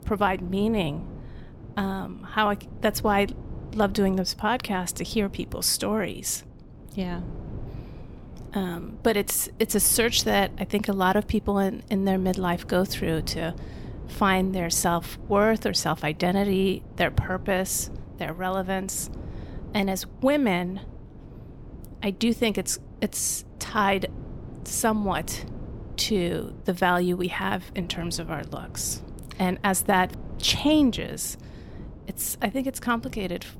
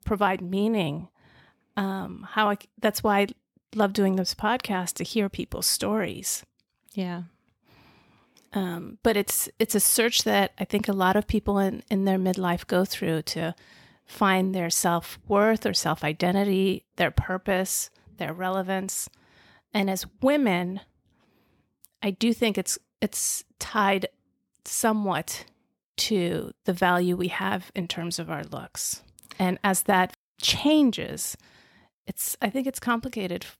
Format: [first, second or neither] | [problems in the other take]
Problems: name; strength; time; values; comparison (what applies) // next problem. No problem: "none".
second | wind noise on the microphone; occasional gusts; 20 dB below the speech